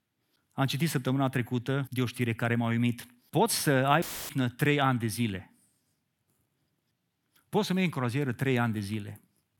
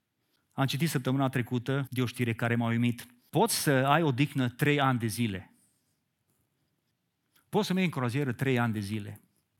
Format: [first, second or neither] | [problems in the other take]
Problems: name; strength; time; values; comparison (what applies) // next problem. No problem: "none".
second | audio cutting out; filled with static; at 4 s